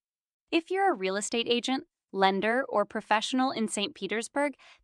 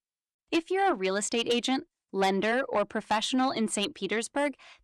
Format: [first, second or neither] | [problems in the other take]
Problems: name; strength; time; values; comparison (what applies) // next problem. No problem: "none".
first | distortion; slight; 10 dB below the speech